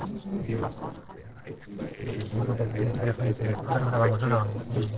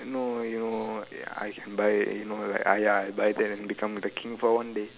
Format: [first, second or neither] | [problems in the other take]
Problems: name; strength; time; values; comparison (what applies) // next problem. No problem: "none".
second | noise reduction (neural separator model SepFormer DNS4)